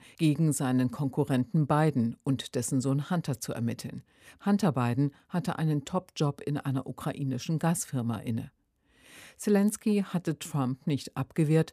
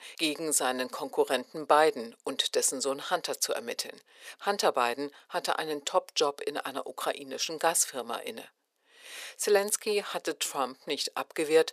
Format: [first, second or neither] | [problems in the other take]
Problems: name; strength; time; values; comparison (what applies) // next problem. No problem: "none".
first | thin; very; fading below 450 Hz